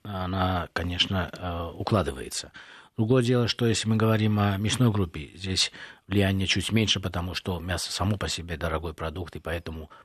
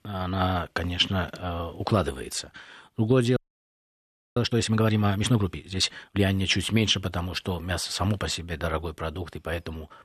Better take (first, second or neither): first